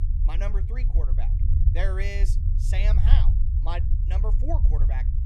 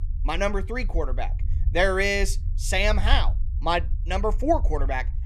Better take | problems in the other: second | low rumble; loud; throughout; 6 dB below the speech; faint in the second

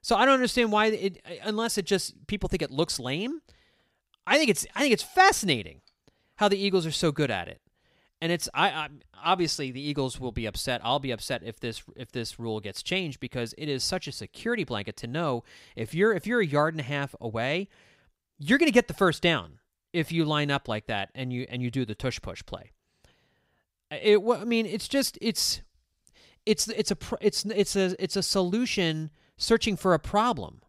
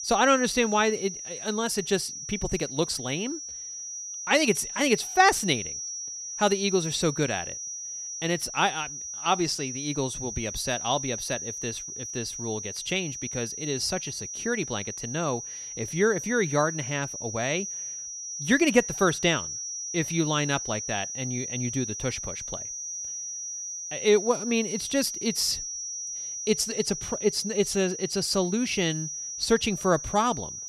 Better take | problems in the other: first | high-pitched whine; loud; throughout; 5.5 kHz, 6 dB below the speech

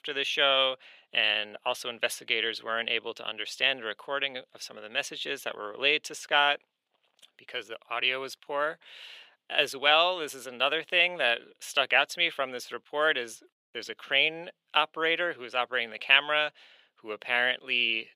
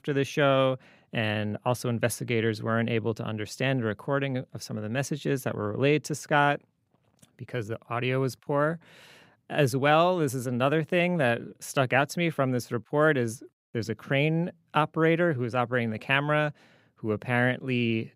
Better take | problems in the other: second | thin; very; fading below 600 Hz

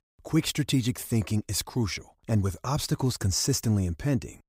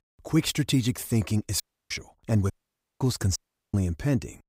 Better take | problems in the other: first | audio cutting out; at 1.5 s, at 2.5 s for 0.5 s and at 3.5 s

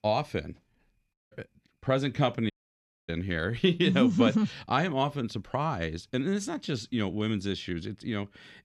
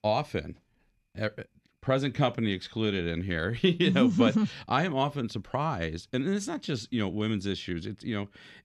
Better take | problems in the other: second | audio cutting out; at 1 s and at 2.5 s for 0.5 s

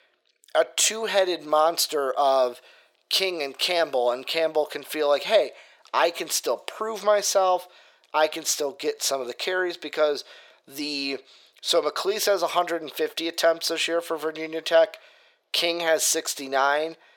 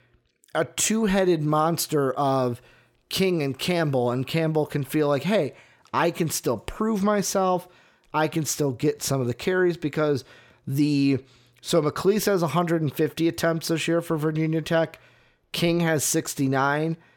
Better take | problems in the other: second | thin; very; fading below 450 Hz

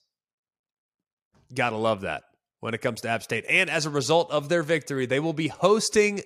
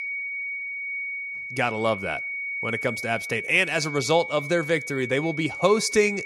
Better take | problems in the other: first | high-pitched whine; loud; throughout; 2 kHz, 6 dB below the speech

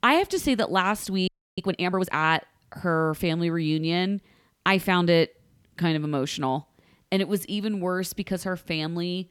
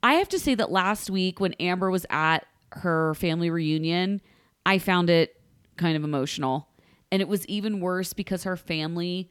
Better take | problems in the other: second | audio freezing; at 1.5 s

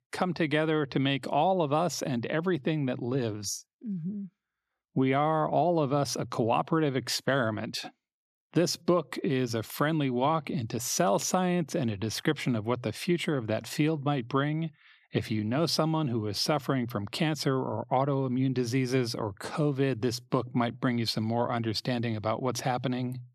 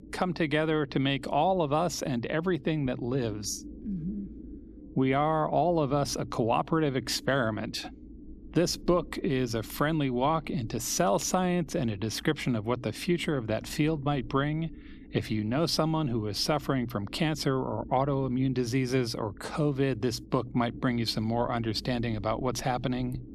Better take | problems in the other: first | low rumble; faint; throughout; 20 dB below the speech

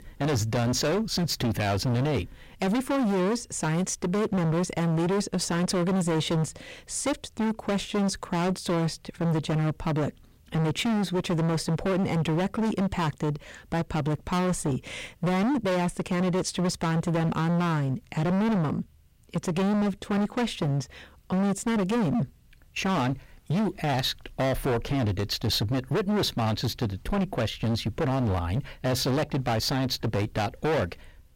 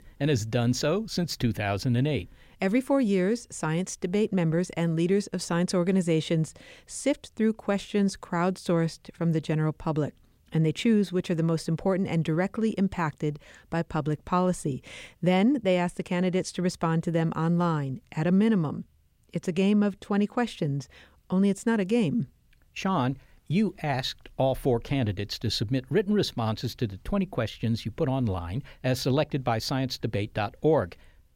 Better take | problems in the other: second | distortion; heavy; 28% of the sound clipped

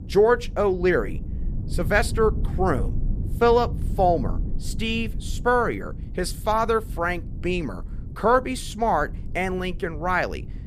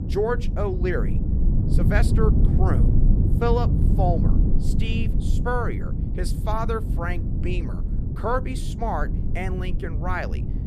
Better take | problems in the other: first | low rumble; loud; throughout; 7 dB below the speech; faint in the first

